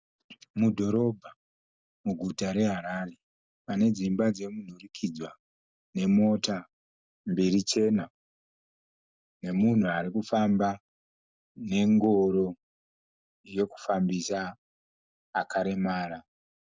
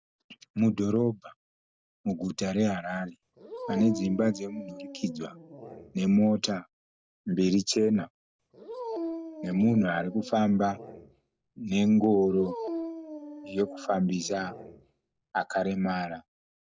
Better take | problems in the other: first | background sound (Dog); 11 dB below the speech

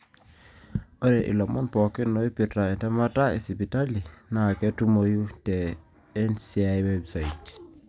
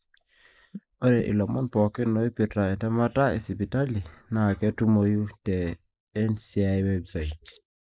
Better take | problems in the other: first | noise reduction (neural mask model Resemble Enhance denoiser)

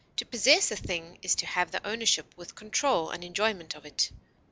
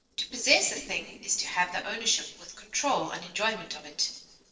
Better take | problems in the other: first | noise reduction (neural separator model SepFormer DNS4)

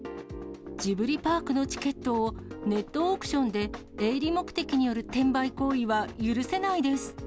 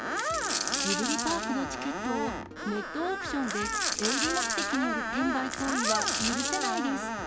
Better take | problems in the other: first | background sound (Screech + Coin (dropping)); 2 dB above the speech

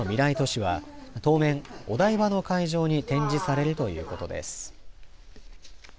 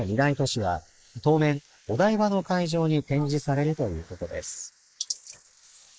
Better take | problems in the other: first | noise reduction (neural mask model Resemble Enhance denoiser)

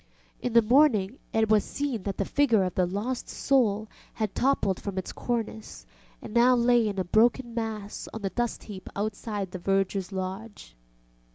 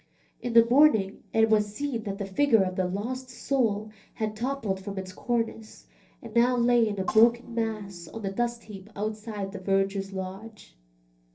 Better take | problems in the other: first | noise reduction (neural separator model SepFormer DNS4)

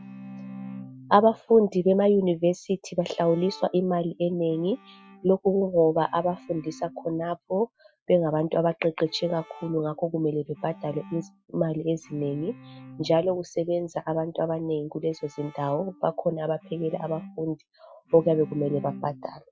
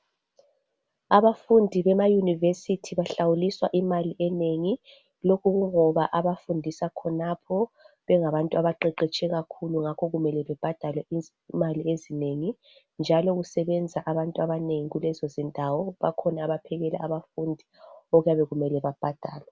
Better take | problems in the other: second | noise reduction (classical method Wiener filter)

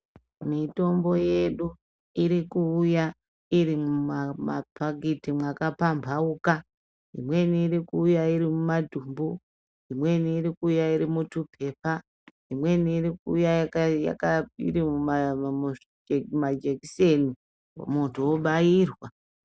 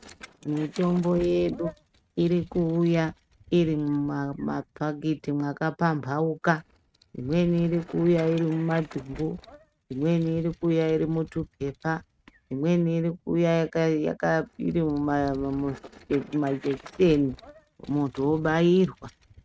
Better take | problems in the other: first | noise reduction (neural mask model RNNoise)

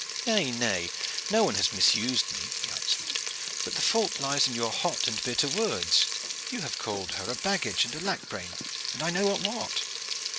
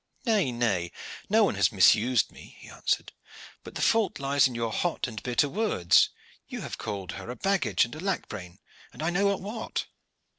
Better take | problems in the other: second | background sound (Frying (food)); 3 dB below the speech

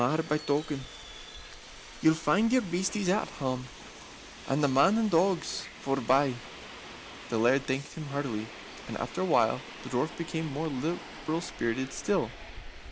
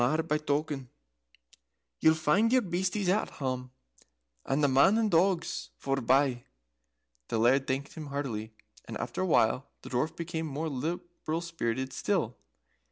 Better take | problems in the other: second | background sound (Subway, metro, underground); 15 dB below the speech

